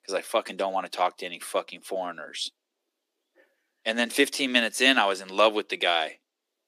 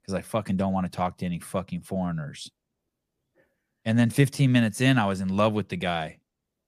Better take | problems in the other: second | thin; somewhat; fading below 300 Hz

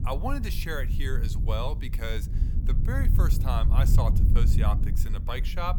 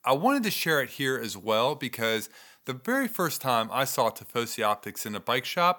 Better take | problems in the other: second | low rumble; loud; throughout; 7 dB below the speech

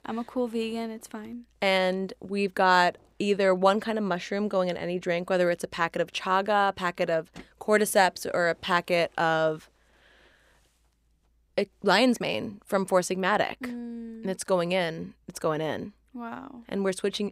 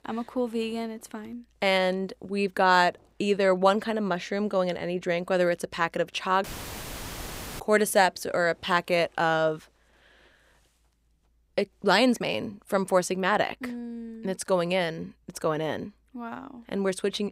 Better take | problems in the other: first | audio cutting out; filled with static; at 6.5 s for 1 s

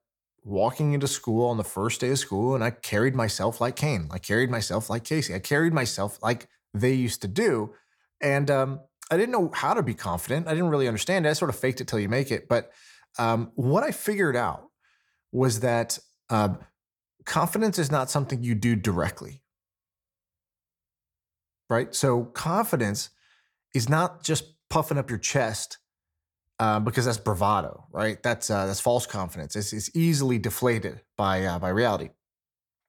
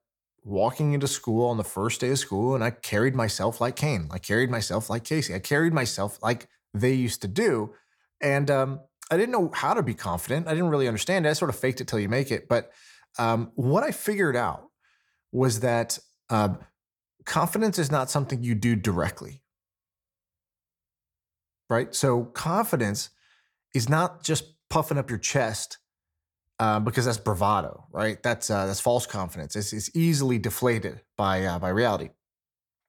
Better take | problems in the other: neither | none

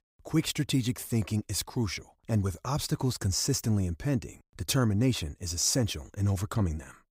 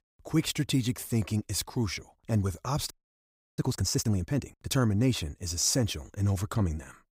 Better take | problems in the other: first | audio freezing; at 3 s for 0.5 s

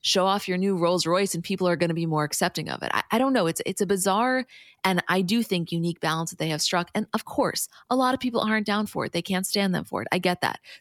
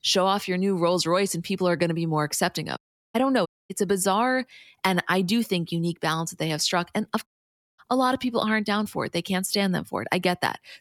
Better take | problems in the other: first | audio cutting out; at 3 s, at 3.5 s and at 7.5 s for 0.5 s

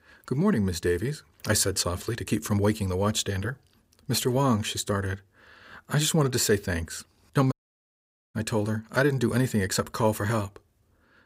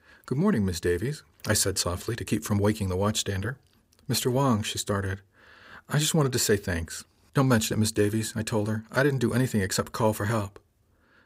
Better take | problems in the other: second | audio cutting out; at 7.5 s for 1 s

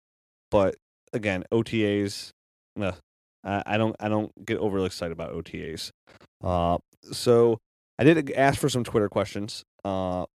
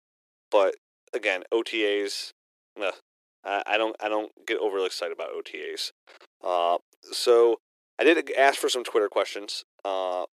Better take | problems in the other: first | thin; very; fading below 350 Hz

